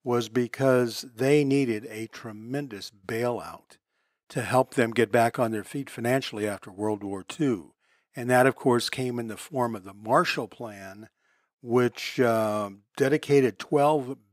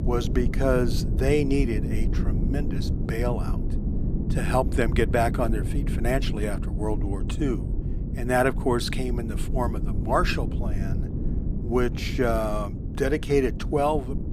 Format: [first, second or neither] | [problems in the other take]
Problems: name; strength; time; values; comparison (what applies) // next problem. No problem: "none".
first | low rumble; noticeable; throughout; 10 dB below the speech